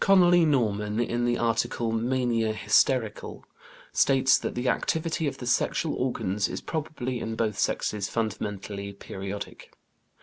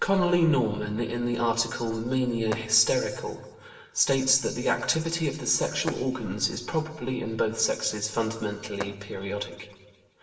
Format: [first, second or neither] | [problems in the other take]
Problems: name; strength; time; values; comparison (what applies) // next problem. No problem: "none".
first | background sound (Fireworks); 17 dB below the speech // room echo; dies away in 1.4 s